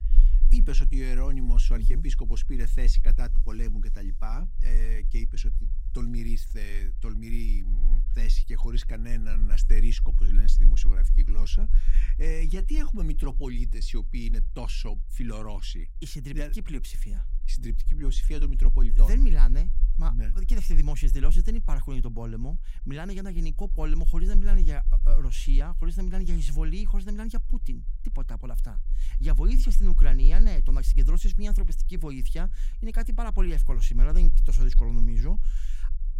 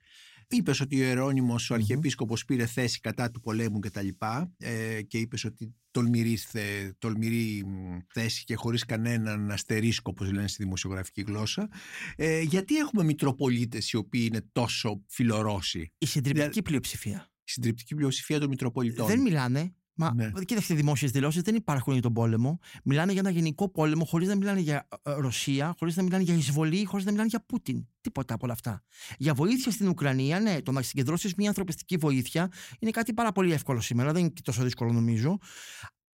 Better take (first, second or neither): second